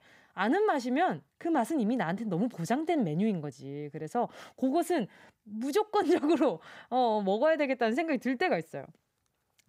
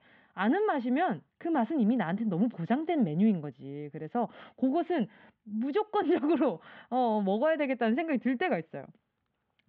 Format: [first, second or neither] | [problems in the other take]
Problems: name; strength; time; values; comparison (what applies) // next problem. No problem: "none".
first | muffled; very; fading above 3.5 kHz